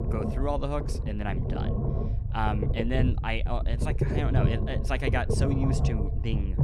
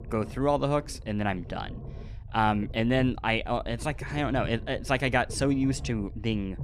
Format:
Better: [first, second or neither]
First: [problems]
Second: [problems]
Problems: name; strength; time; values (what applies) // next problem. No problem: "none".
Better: second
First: low rumble; loud; throughout; 4 dB below the speech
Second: low rumble; faint; throughout; 20 dB below the speech